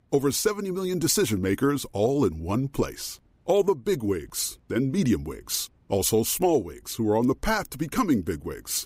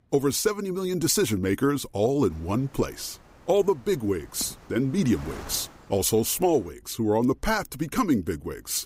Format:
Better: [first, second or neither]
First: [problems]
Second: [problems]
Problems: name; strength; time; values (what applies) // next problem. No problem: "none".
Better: first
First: none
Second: wind noise on the microphone; occasional gusts; from 2.5 to 6.5 s; 20 dB below the speech